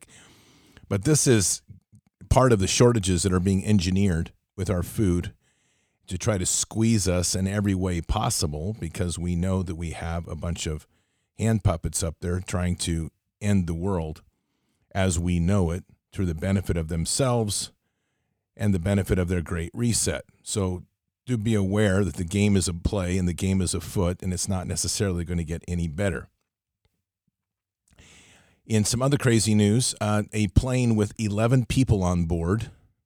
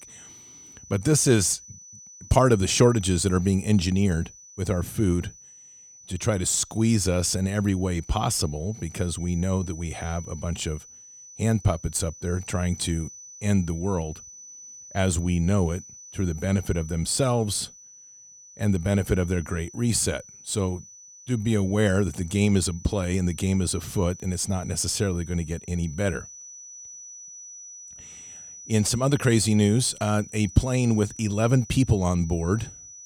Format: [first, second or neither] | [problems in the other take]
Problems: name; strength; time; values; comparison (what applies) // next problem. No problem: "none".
first | high-pitched whine; noticeable; throughout; 6 kHz, 20 dB below the speech